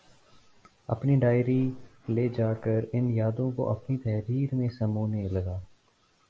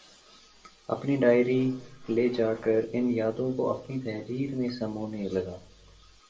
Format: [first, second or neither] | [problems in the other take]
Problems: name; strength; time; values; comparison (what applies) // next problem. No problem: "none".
first | room echo; dies away in 0.2 s